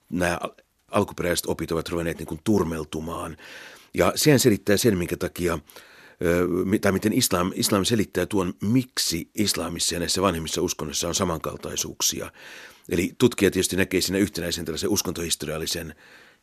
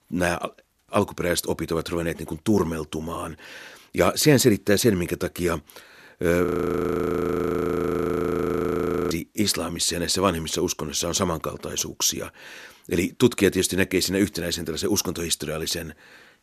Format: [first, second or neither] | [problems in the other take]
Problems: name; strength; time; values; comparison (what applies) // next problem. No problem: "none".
first | audio freezing; at 6.5 s for 2.5 s